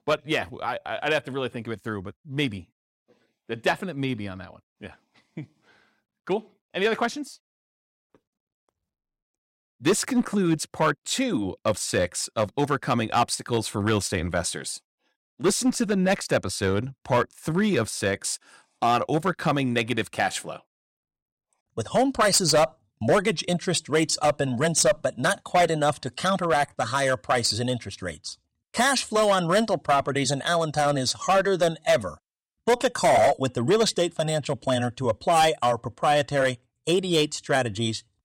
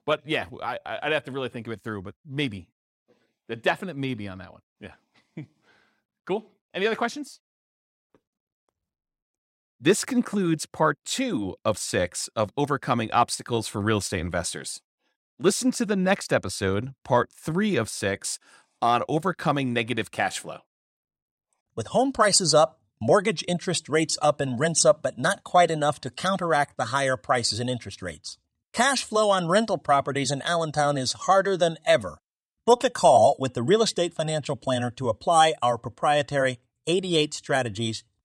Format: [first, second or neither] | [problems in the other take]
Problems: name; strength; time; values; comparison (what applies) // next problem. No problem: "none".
second | distortion; slight; 4% of the sound clipped